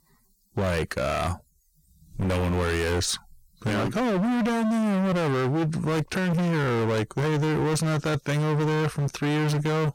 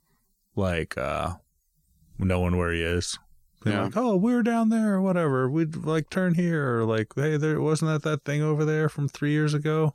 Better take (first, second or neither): second